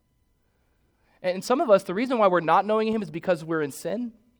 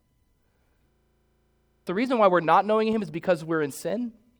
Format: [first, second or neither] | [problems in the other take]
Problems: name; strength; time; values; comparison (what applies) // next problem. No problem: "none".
first | audio freezing; at 1 s for 1 s